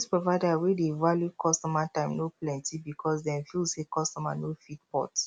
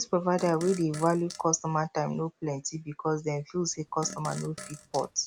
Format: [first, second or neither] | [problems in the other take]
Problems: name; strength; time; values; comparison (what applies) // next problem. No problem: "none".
first | background sound (Fart); 16 dB below the speech